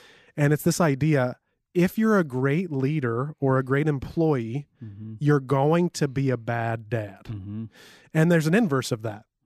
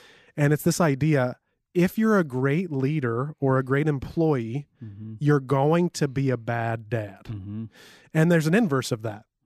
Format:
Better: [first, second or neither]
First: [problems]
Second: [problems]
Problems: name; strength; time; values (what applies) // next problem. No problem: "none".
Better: neither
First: none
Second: none